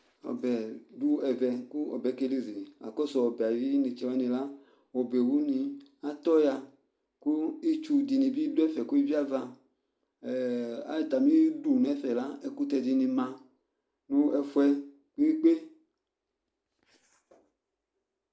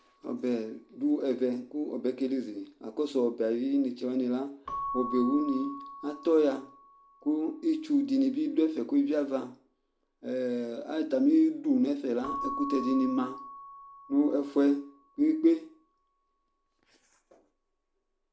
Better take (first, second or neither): first